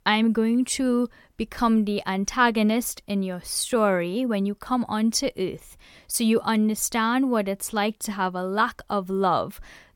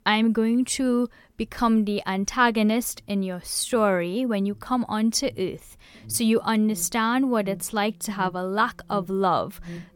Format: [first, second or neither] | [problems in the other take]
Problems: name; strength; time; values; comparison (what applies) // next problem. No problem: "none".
first | alarms or sirens; faint; throughout; 20 dB below the speech